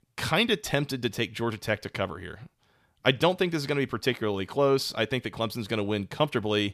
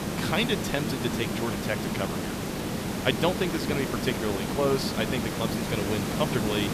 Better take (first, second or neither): first